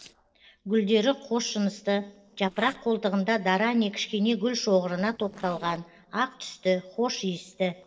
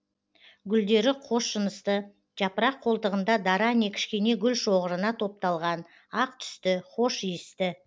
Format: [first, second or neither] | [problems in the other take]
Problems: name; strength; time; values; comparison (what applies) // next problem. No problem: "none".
second | noise reduction (neural separator model SepFormer DNS4)